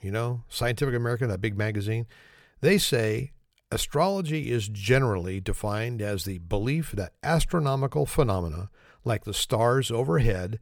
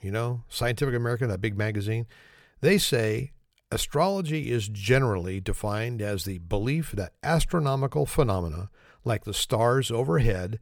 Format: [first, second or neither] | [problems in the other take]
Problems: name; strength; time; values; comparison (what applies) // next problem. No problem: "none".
neither | none